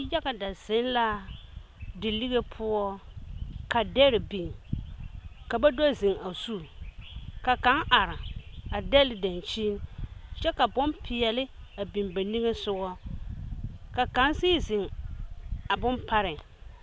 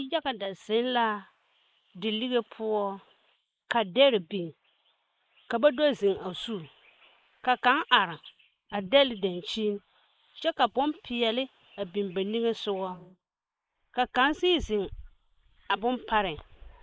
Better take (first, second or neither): first